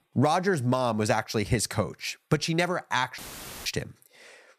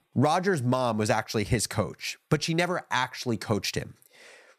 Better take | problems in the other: second | audio cutting out; filled with static; at 3 s

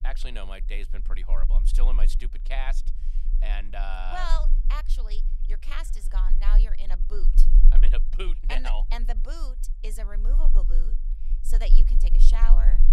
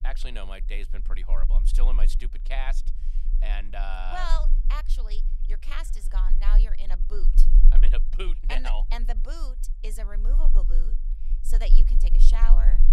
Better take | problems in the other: neither | low rumble; noticeable; throughout; 15 dB below the speech; the same in both

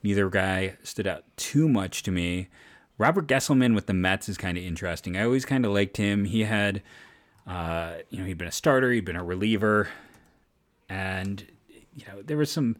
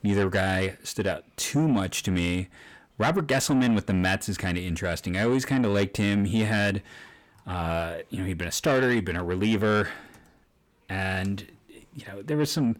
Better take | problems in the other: first | distortion; slight; 10 dB below the speech

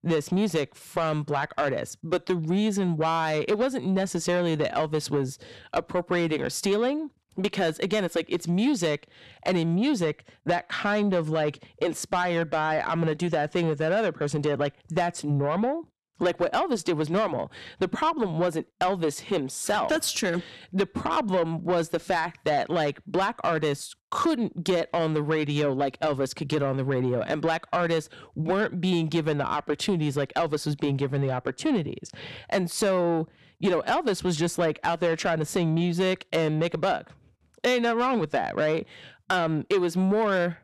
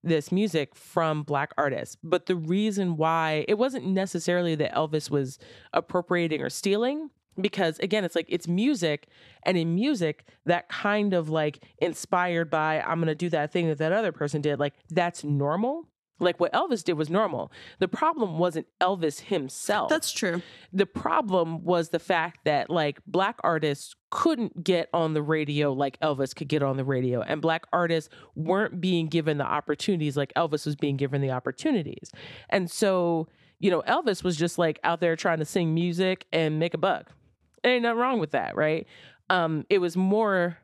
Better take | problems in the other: second | distortion; slight; 10 dB below the speech

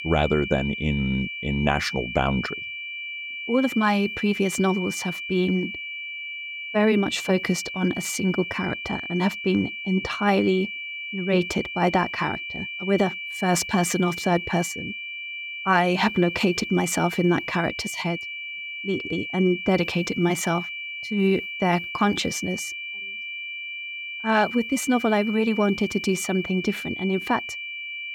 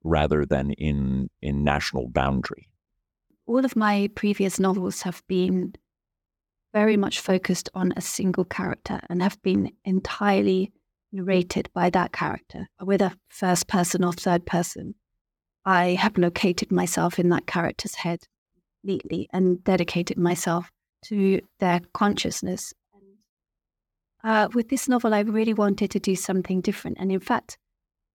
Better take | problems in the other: second | high-pitched whine; loud; throughout; 2.5 kHz, 7 dB below the speech

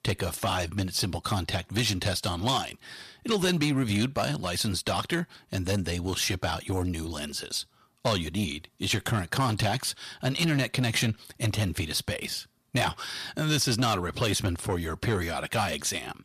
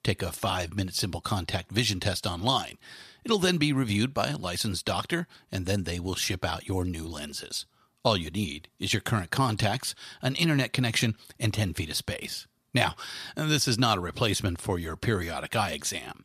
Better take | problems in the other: second | distortion; slight; 10 dB below the speech

